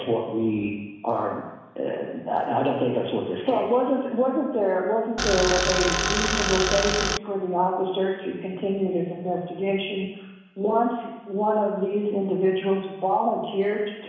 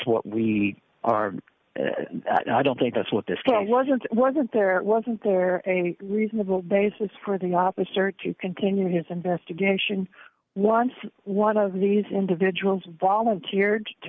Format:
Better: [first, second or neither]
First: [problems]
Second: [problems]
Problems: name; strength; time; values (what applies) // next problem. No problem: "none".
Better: second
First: background sound (Tools); 1 dB above the speech // room echo; dies away in 1 s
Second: none